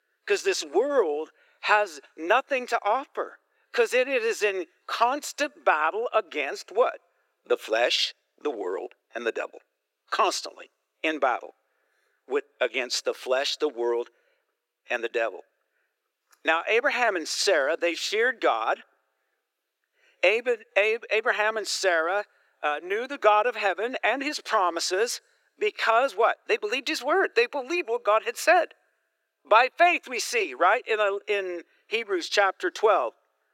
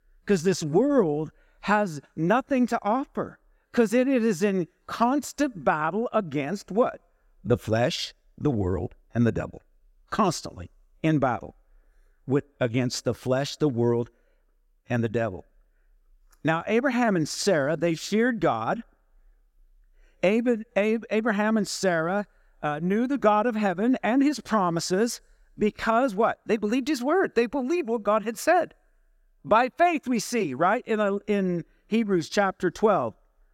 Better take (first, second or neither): second